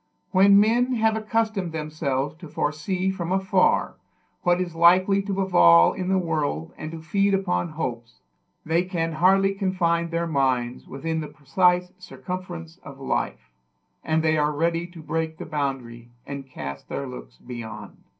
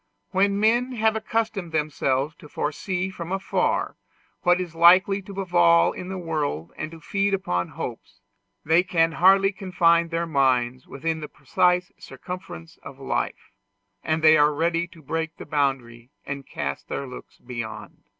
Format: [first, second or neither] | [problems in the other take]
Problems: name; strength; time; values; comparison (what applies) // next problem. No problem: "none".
second | room echo; dies away in 0.3 s